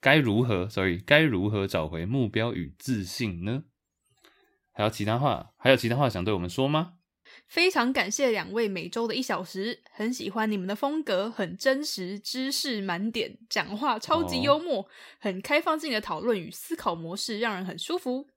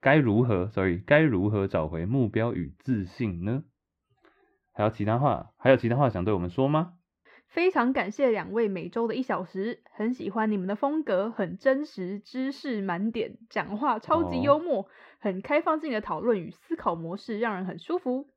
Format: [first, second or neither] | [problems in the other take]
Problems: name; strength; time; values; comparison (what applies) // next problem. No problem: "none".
first | muffled; very; fading above 4 kHz